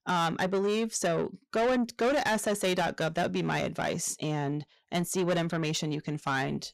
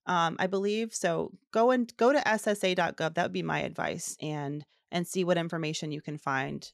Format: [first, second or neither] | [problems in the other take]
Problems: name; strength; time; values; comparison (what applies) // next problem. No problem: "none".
second | distortion; heavy; 8 dB below the speech